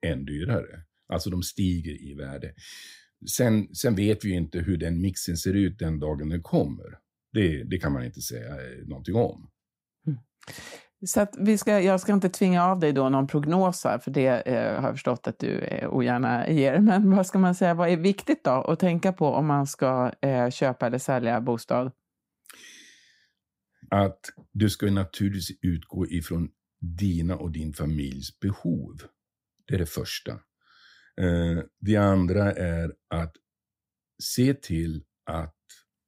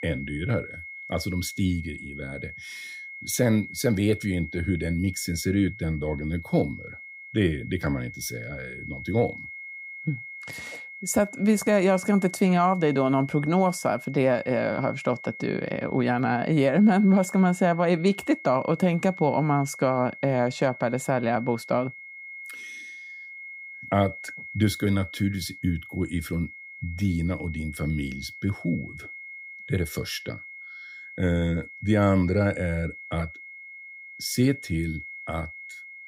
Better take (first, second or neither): first